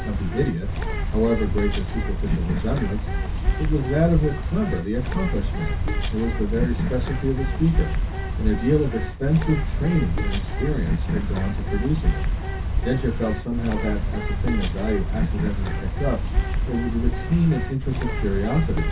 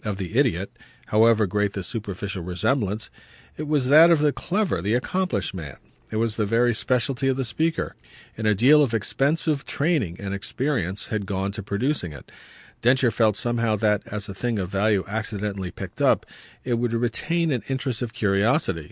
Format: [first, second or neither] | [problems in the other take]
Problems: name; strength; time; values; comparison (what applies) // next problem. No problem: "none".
second | background sound (Bird); 2 dB above the speech // room echo; dies away in 0.3 s